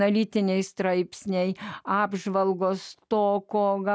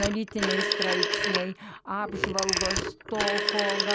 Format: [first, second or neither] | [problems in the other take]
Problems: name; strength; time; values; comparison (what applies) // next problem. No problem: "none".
first | background sound (Telephone); 3 dB above the speech